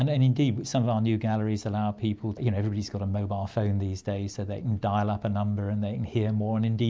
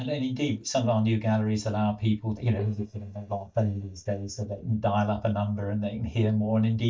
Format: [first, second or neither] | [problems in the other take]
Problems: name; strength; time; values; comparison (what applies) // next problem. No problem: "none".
first | noise reduction (neural mask model DeepFilterNet 3)